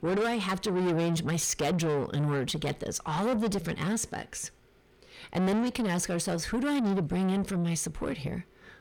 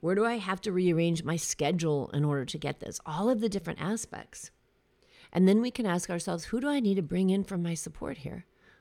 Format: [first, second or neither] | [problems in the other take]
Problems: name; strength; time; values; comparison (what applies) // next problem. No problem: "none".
second | distortion; heavy; 6 dB below the speech